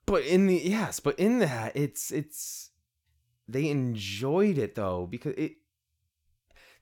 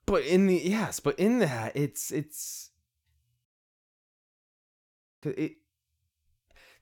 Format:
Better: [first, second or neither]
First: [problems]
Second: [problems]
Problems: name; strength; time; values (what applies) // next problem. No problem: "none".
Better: first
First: none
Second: audio cutting out; at 3.5 s for 2 s